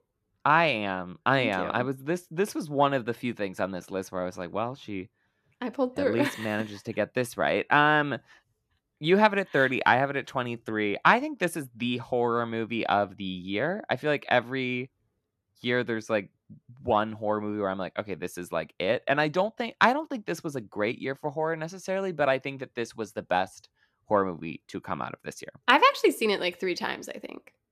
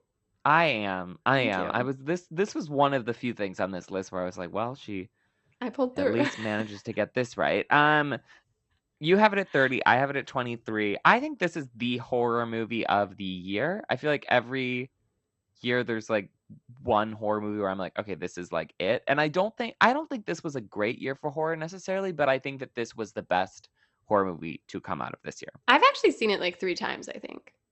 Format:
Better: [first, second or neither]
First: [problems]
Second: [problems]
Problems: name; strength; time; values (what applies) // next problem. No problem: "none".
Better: first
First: none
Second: garbled, watery; slightly; nothing above 8 kHz